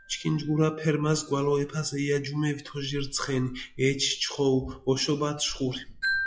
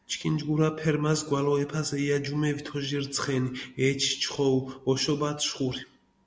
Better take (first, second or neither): second